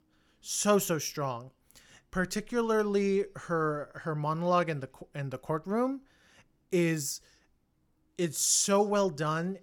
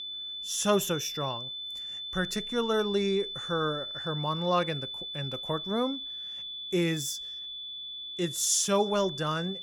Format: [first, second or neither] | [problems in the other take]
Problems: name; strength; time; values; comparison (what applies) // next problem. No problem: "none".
first | high-pitched whine; loud; throughout; 3.5 kHz, 6 dB below the speech